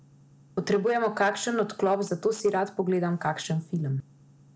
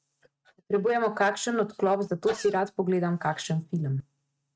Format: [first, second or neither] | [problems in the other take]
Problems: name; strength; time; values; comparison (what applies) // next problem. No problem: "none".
first | noise reduction (neural mask model RNNoise)